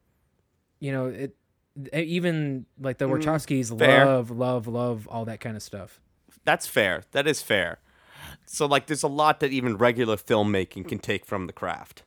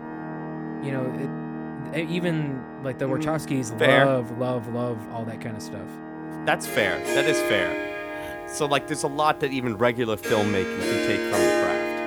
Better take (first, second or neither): first